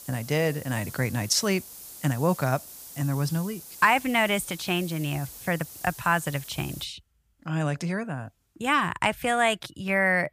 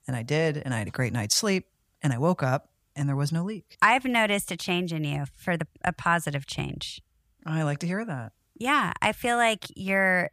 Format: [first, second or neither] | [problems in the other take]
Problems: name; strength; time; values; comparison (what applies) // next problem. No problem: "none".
second | hiss; noticeable; until 7 s; 15 dB below the speech